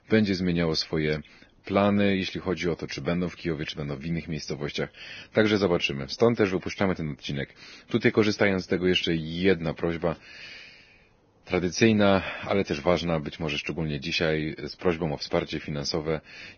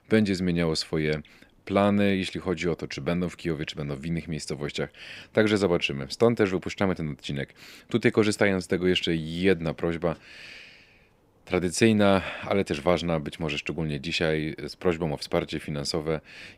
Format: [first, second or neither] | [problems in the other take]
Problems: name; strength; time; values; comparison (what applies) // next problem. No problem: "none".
second | garbled, watery; badly; nothing above 6.5 kHz